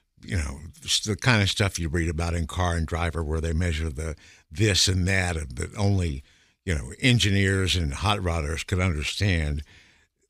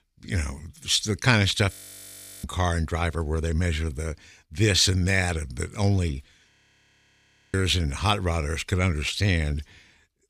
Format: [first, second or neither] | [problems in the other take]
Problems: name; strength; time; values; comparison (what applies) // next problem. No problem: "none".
first | audio freezing; at 1.5 s for 0.5 s and at 6.5 s for 1 s